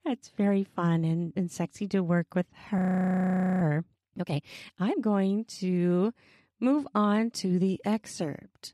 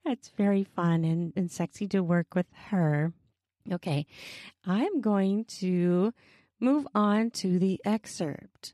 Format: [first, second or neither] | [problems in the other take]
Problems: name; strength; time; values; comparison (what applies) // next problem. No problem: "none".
second | audio freezing; at 3 s for 1 s